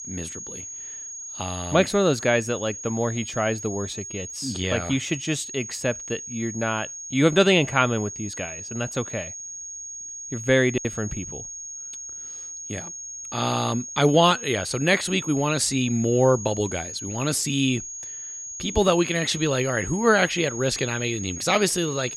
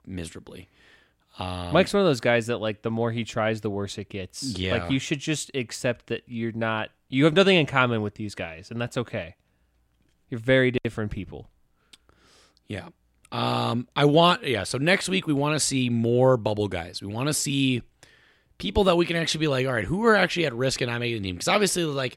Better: second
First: high-pitched whine; loud; throughout; 6.5 kHz, 10 dB below the speech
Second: none

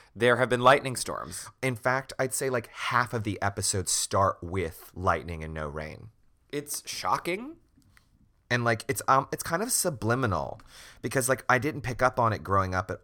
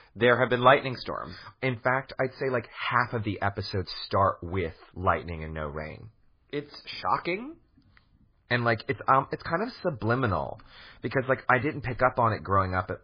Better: first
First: none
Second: garbled, watery; badly; nothing above 5 kHz

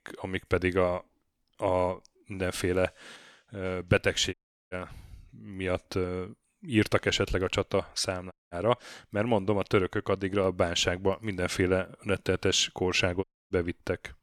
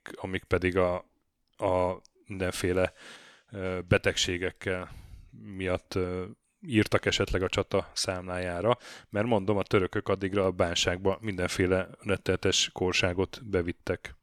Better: second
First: audio cutting out; at 4.5 s, at 8.5 s and at 13 s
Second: none

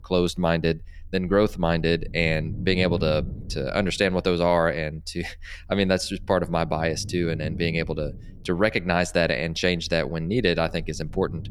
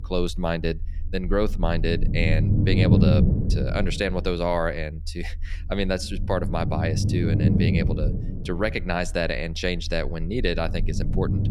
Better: first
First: low rumble; faint; throughout; 20 dB below the speech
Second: low rumble; loud; throughout; 6 dB below the speech

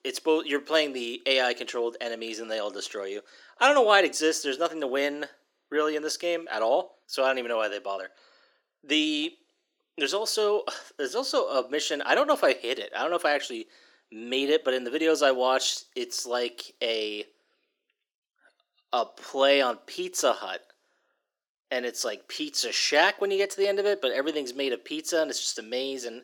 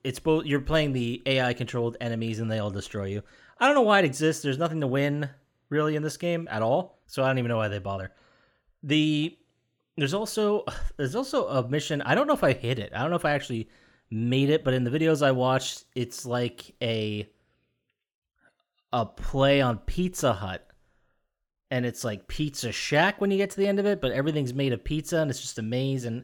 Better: second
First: thin; somewhat; fading below 300 Hz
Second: none

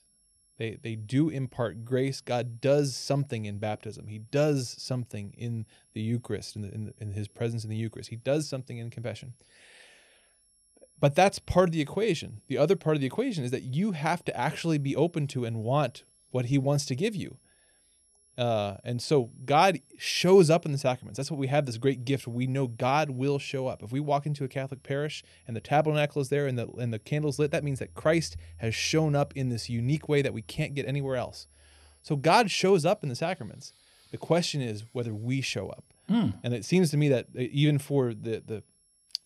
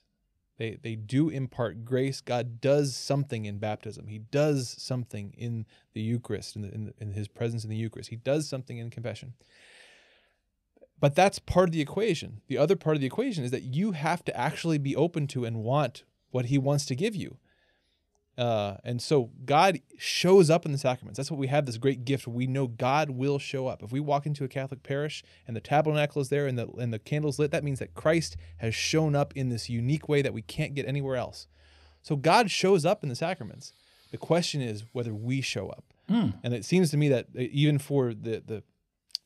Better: second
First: high-pitched whine; faint; throughout; 11 kHz, 35 dB below the speech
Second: none

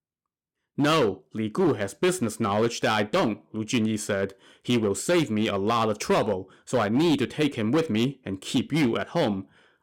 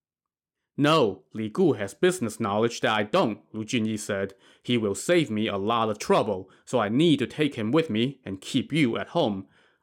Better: second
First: distortion; slight; 8% of the sound clipped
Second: none

